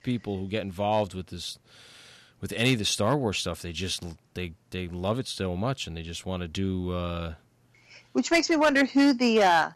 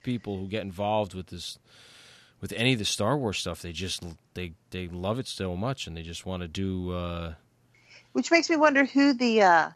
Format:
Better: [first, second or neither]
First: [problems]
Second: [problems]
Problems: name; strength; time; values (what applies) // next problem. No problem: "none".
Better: second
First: distortion; slight; 1.9% of the sound clipped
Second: none